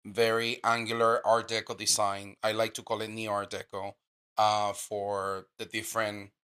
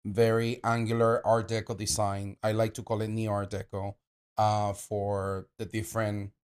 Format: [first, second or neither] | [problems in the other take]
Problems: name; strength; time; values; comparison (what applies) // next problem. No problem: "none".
second | thin; somewhat; fading below 700 Hz